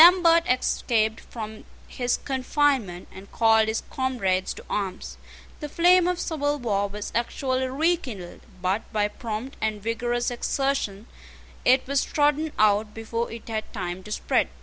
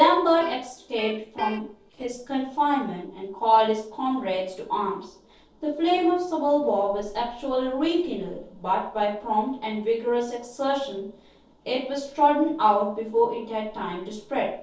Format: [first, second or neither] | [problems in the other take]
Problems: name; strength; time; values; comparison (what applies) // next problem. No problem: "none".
first | noise reduction (neural separator model SepFormer DNS4)